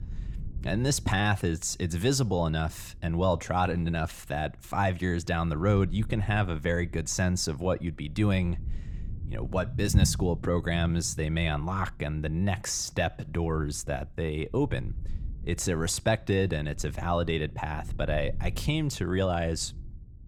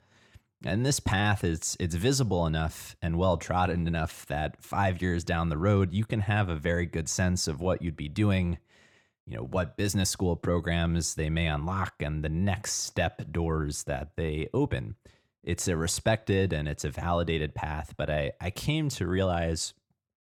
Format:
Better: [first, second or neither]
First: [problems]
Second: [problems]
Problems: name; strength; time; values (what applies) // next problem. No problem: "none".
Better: second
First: low rumble; faint; throughout; 20 dB below the speech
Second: none